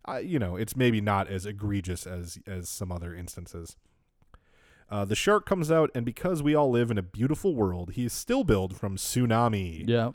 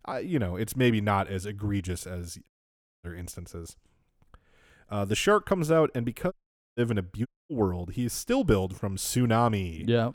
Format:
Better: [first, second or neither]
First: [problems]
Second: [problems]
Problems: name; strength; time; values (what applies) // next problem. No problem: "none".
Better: first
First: none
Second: audio cutting out; at 2.5 s for 0.5 s, at 6.5 s and at 7.5 s